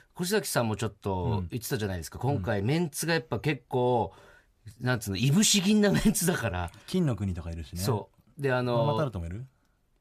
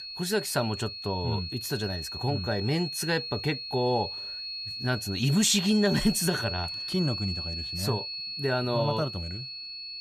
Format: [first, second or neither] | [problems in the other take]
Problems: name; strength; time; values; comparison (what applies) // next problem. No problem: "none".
first | high-pitched whine; loud; throughout; 4.5 kHz, 5 dB below the speech